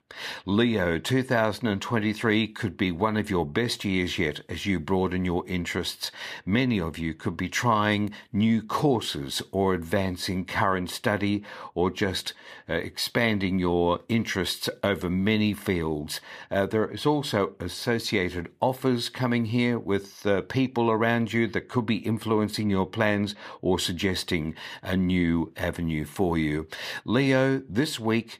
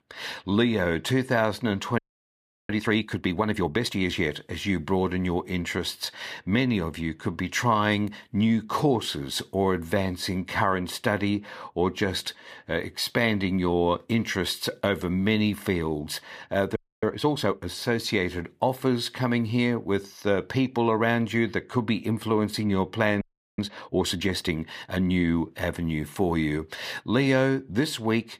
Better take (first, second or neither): first